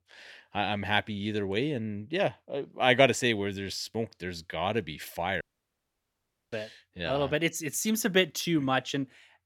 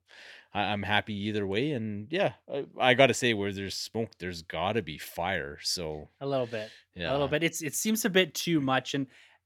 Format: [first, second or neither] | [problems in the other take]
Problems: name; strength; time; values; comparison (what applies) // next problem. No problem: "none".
second | audio cutting out; at 5.5 s for 1 s